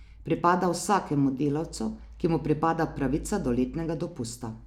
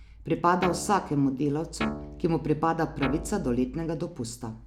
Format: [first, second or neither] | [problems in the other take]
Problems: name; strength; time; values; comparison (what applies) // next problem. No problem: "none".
first | background sound (Guitar); 11 dB below the speech